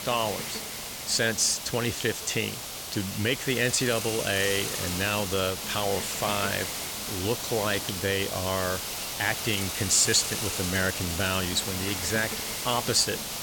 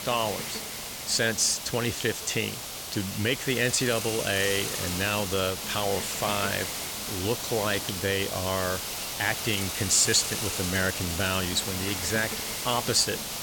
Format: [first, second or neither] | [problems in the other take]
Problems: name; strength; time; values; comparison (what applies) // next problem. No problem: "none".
neither | hiss; loud; throughout; 4 dB below the speech; the same in both